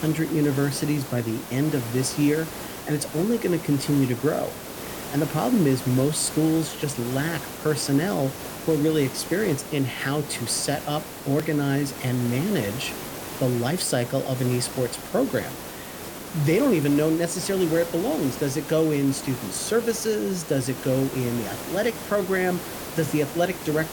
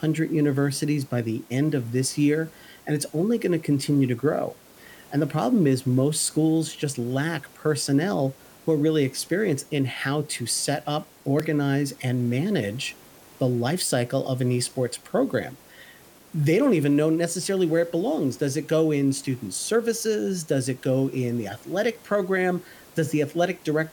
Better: second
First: hiss; loud; throughout; 10 dB below the speech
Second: hiss; faint; throughout; 25 dB below the speech

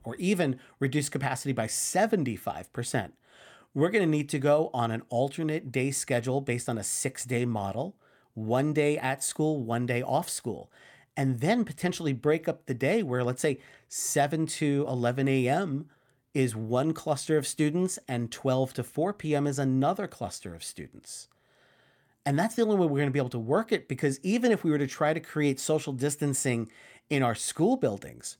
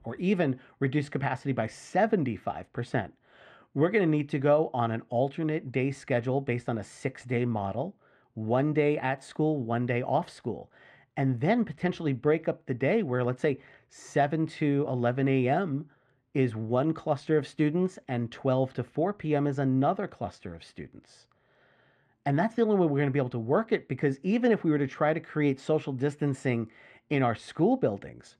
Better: first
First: none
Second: muffled; very; fading above 2.5 kHz

